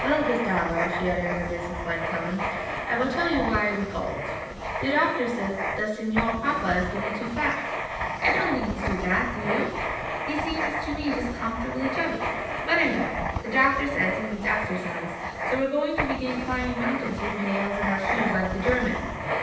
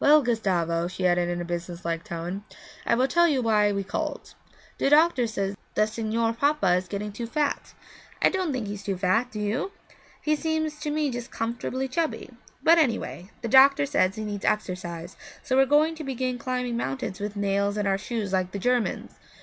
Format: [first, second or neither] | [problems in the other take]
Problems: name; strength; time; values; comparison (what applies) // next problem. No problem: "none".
second | background sound (Writing); 3 dB below the speech // room echo; dies away in 0.9 s